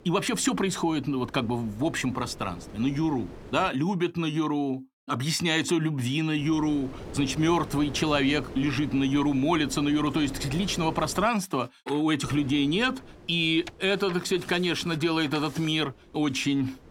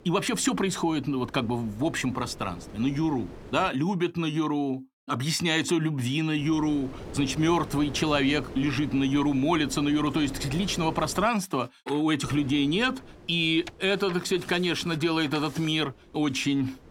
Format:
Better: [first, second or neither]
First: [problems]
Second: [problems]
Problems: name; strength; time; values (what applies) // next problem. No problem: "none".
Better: neither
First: wind noise on the microphone; occasional gusts; until 3.5 s, from 6.5 to 11 s and from 12 s on; 20 dB below the speech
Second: wind noise on the microphone; occasional gusts; until 3.5 s, from 6.5 to 11 s and from 12 s on; 20 dB below the speech